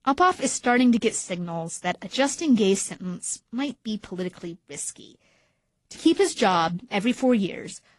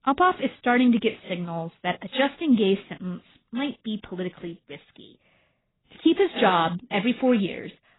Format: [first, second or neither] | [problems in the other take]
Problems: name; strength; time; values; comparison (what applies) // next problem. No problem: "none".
first | garbled, watery; badly; nothing above 4 kHz; slightly in the first